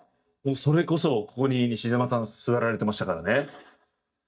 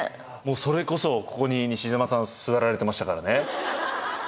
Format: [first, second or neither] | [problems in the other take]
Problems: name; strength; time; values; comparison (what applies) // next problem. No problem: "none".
second | noise reduction (neural mask model DeepFilterNet 3)